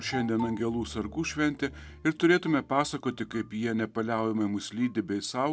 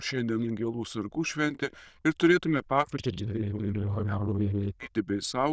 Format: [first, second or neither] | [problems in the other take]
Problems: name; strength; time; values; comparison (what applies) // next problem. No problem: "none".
first | noise reduction (neural diffusion model UNIVERSE++)